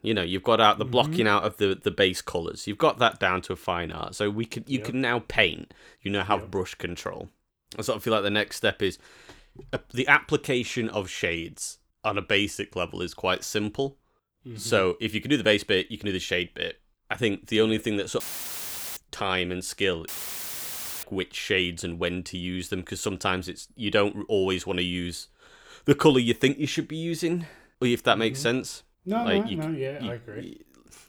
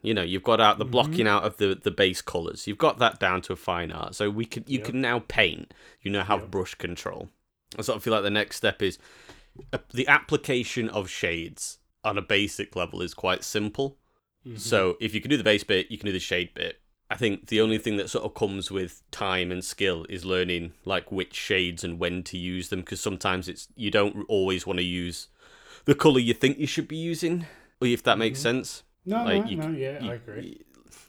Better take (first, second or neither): second